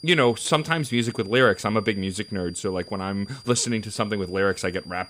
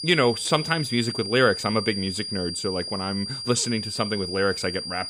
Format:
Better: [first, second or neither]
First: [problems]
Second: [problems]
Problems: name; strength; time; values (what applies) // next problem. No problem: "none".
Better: first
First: high-pitched whine; faint; throughout; 4.5 kHz, 20 dB below the speech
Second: high-pitched whine; loud; throughout; 4.5 kHz, 6 dB below the speech